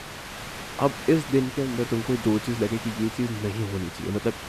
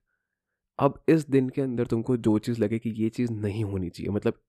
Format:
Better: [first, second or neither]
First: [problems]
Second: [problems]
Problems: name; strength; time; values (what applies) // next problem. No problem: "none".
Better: second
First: hiss; loud; throughout; 9 dB below the speech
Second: none